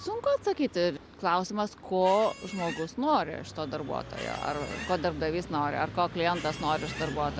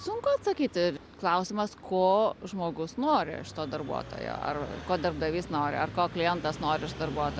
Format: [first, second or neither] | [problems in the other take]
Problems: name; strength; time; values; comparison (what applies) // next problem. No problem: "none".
second | background sound (Squeak); 13 dB below the speech